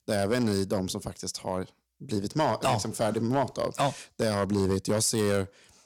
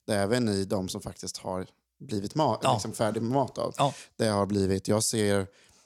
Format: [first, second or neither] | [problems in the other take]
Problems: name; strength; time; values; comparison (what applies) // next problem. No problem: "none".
second | distortion; slight; 4% of the sound clipped